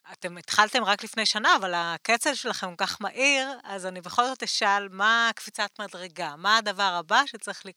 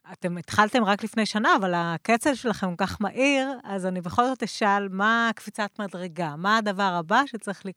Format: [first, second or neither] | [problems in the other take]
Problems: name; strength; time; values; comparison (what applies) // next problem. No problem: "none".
second | thin; somewhat; fading below 950 Hz